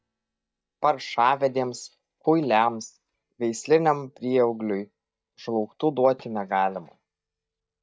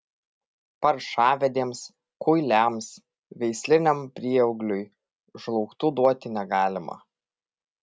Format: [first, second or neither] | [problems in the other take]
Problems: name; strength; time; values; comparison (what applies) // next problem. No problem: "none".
second | noise reduction (neural mask model DeepFilterNet 3)